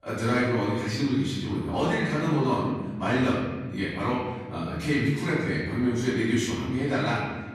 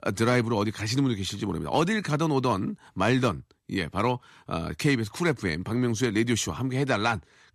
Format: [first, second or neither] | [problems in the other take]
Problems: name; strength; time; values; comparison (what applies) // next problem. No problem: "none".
second | room echo; strong; dies away in 1.3 s // off-mic speech; far